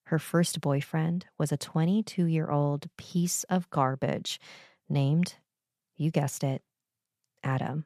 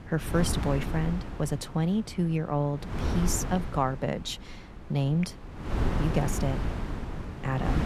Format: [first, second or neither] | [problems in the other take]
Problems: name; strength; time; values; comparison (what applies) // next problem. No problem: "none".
first | wind noise on the microphone; heavy; 6 dB below the speech